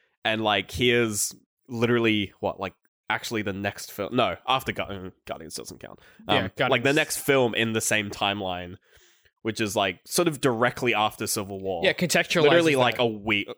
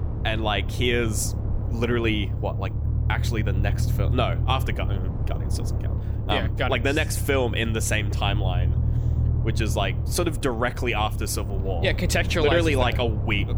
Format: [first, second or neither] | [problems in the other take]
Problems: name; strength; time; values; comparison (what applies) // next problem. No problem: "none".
first | low rumble; noticeable; throughout; 15 dB below the speech